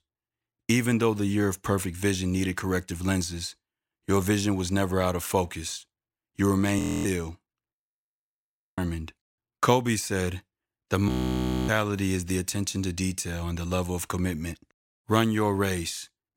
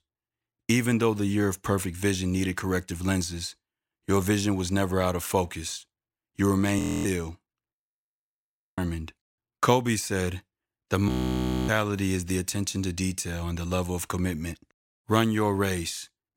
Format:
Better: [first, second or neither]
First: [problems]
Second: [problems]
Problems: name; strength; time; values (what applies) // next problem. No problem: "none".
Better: neither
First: audio freezing; at 7 s, at 7.5 s for 1 s and at 11 s for 0.5 s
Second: audio freezing; at 7 s, at 7.5 s for 1 s and at 11 s for 0.5 s